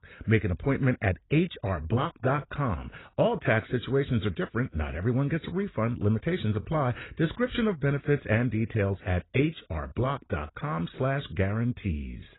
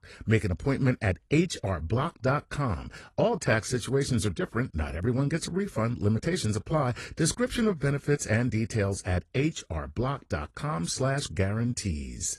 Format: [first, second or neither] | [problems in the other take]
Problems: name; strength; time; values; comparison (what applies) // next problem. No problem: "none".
second | garbled, watery; badly; nothing above 4 kHz; slightly in the second